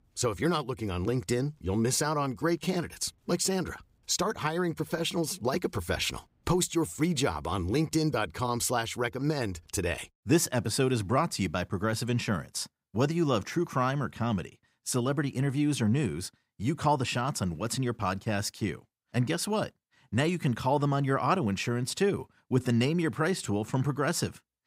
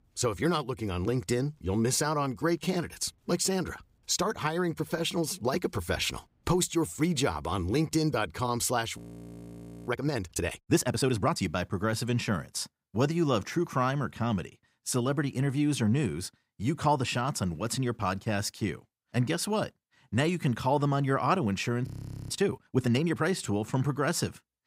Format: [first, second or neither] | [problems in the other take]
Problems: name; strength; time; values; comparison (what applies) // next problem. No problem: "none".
first | audio freezing; at 9 s for 1 s and at 22 s